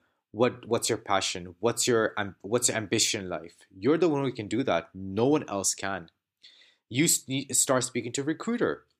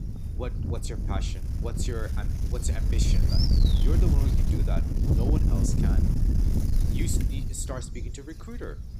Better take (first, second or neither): first